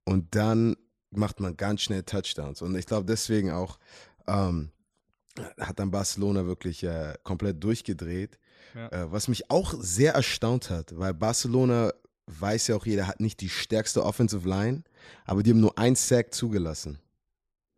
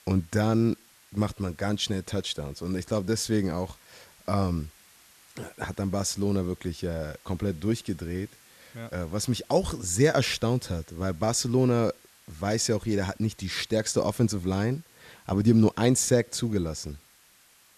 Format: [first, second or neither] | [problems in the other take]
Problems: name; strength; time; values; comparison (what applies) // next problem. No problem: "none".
first | hiss; faint; throughout; 25 dB below the speech